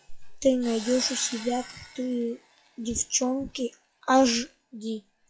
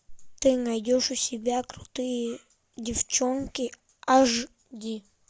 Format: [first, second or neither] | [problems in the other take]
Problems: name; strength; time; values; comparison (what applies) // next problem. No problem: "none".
second | noise reduction (classical method WPE with log-MMSE)